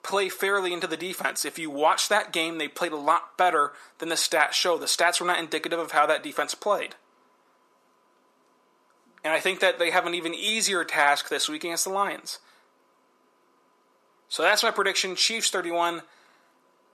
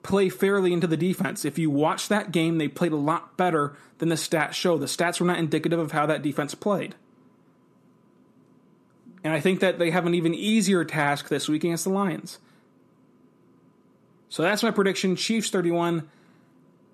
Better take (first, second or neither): second